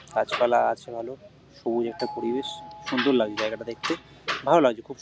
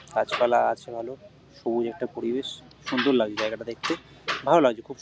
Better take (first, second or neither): second